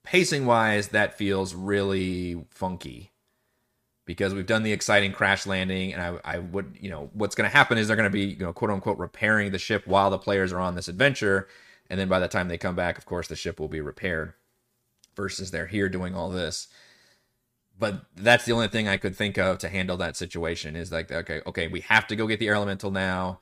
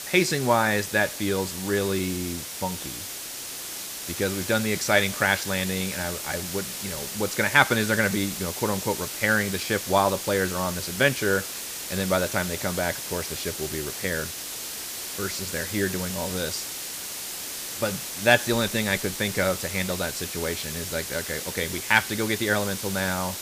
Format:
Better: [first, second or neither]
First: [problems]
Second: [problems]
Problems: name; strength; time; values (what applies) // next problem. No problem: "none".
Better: first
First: none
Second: hiss; loud; throughout; 6 dB below the speech